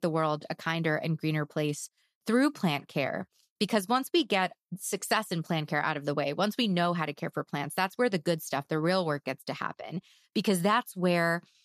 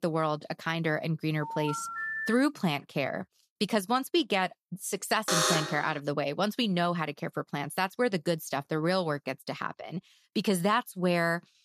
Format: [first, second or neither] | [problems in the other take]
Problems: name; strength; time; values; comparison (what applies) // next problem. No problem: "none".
first | phone ringing; noticeable; at 1.5 s; peak 2 dB below the speech // alarm; loud; at 5.5 s; peak 5 dB above the speech